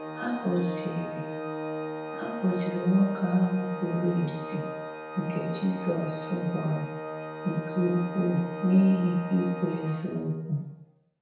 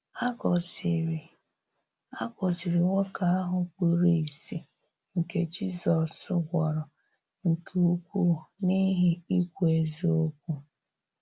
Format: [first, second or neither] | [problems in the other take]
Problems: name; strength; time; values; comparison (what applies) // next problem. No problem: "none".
second | background sound (Organ); 8 dB below the speech // room echo; dies away in 0.8 s